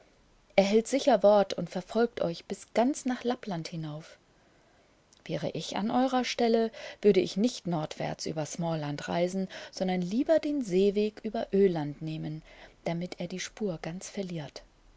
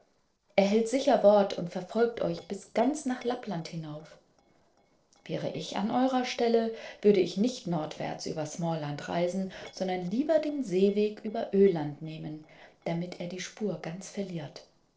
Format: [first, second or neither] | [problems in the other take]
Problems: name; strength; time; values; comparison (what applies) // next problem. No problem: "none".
first | noise reduction (neural separator model SepFormer DNS4)